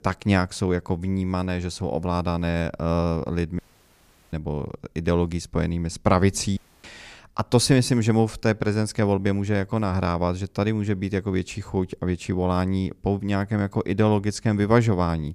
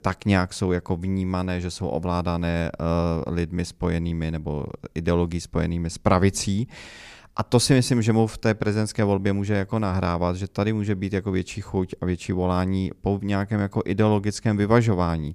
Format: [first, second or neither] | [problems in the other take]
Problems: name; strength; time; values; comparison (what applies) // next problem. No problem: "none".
second | audio cutting out; at 3.5 s for 0.5 s and at 6.5 s